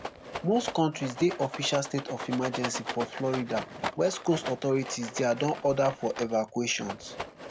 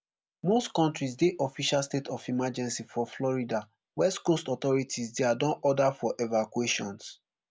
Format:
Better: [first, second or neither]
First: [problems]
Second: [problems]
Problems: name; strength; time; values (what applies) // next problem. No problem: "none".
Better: second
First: background sound (Rattle); 9 dB below the speech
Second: none